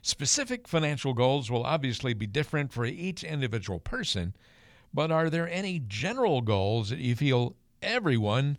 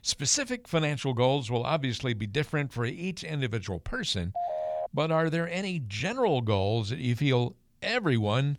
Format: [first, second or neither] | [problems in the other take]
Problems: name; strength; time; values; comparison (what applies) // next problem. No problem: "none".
first | phone ringing; noticeable; at 4.5 s; peak 3 dB below the speech